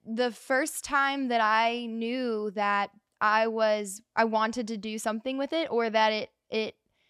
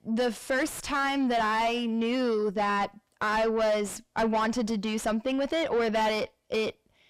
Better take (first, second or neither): first